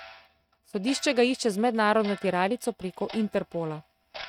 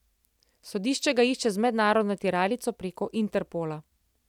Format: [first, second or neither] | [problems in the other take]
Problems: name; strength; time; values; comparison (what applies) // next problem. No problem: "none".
second | noise reduction (neural mask model RNNoise)